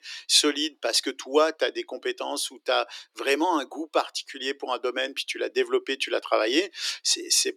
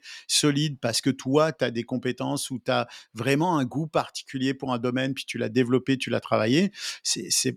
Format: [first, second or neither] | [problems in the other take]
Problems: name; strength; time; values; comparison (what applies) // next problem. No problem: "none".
second | thin; somewhat; fading below 300 Hz